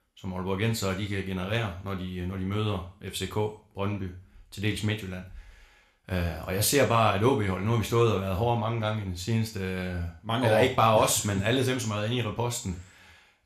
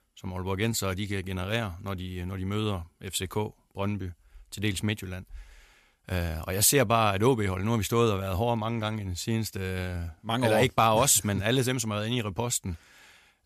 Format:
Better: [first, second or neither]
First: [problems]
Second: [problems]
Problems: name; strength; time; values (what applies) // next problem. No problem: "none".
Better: second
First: room echo; very slight; dies away in 0.4 s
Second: none